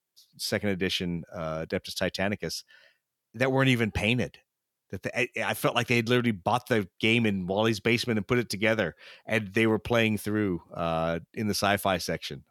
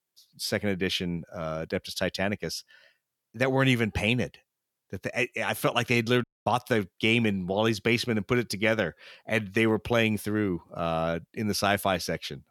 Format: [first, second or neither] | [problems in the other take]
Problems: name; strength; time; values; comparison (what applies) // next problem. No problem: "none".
first | audio cutting out; at 6 s